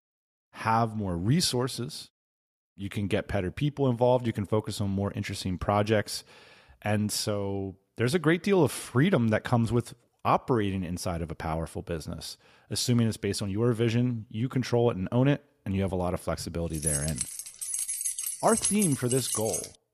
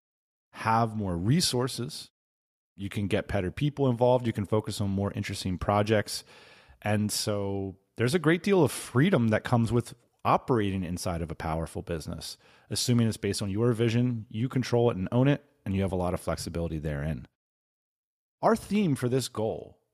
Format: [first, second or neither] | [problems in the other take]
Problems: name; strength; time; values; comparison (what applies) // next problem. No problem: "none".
second | jangling keys; loud; from 17 s on; peak 2 dB above the speech